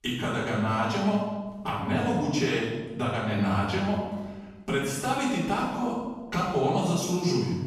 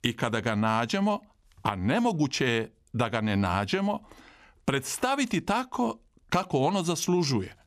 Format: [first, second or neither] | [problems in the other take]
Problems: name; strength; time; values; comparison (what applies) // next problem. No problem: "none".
second | room echo; noticeable; dies away in 1.1 s // off-mic speech; far